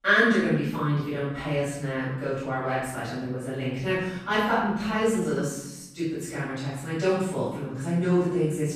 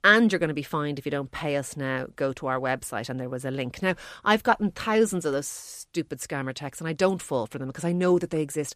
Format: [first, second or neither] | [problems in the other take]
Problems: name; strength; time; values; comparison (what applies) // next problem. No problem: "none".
second | off-mic speech; far // room echo; strong; dies away in 1 s